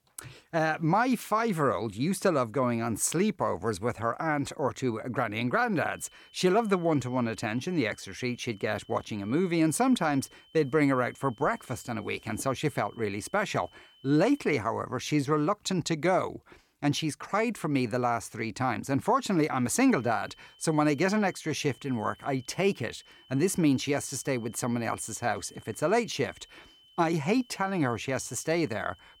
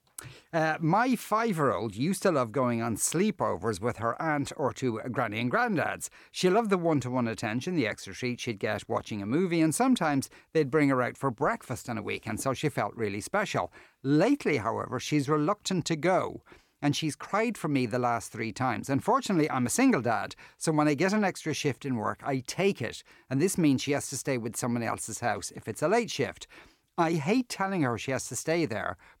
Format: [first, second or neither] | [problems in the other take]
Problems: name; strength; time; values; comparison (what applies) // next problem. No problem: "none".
second | high-pitched whine; faint; from 6 to 15 s and from 20 s on; 3 kHz, 30 dB below the speech